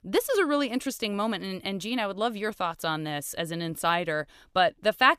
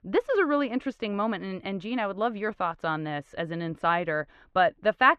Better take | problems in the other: first | muffled; very; fading above 2 kHz

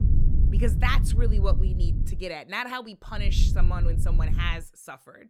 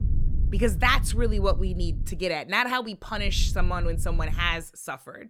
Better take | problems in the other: second | low rumble; loud; until 2 s and from 3 to 4.5 s; 10 dB below the speech; faint in the second

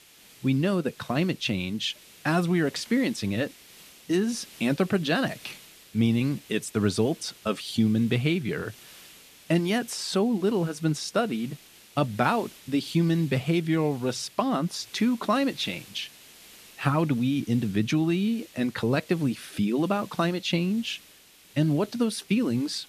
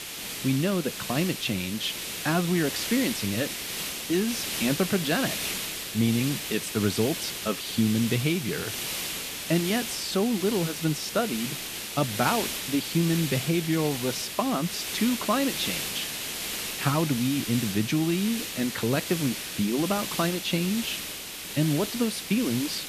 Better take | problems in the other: first | hiss; loud; throughout; 4 dB below the speech; faint in the first

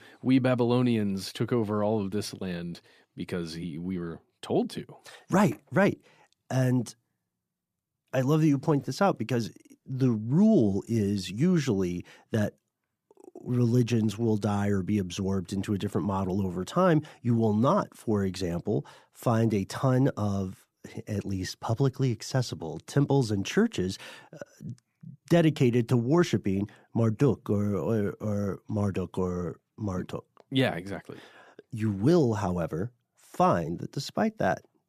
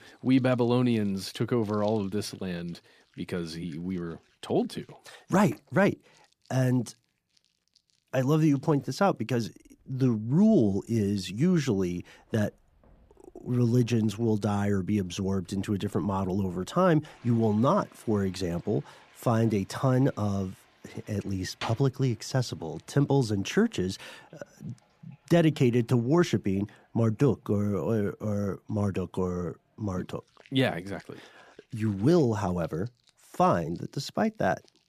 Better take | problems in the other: first | household noises; faint; throughout; 30 dB below the speech

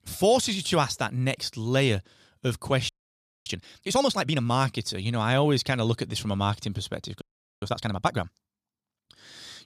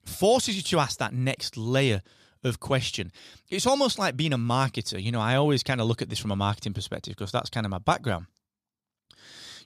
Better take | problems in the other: second | audio freezing; at 3 s for 0.5 s and at 7 s

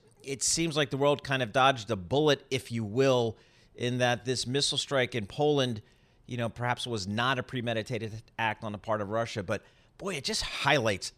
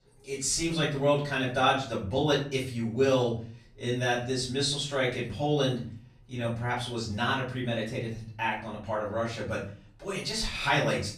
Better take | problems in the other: first | room echo; slight; dies away in 0.4 s // off-mic speech; far

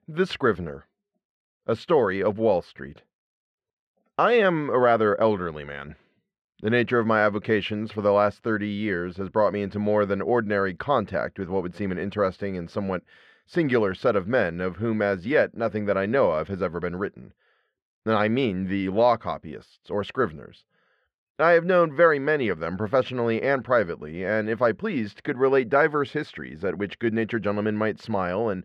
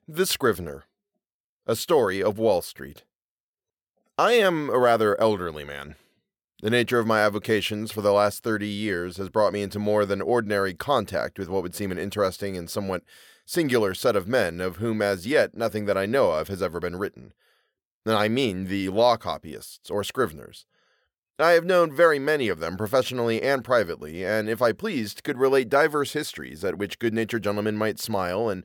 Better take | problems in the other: second | muffled; slightly; fading above 2 kHz

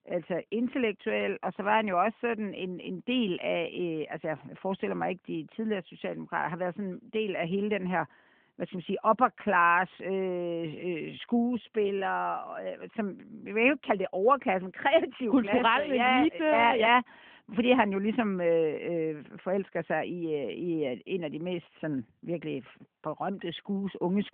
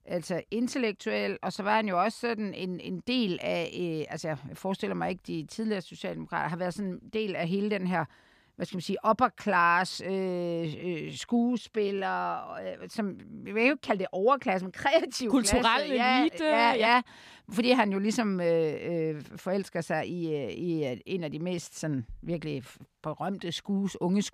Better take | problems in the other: second | phone-call audio; nothing above 3 kHz

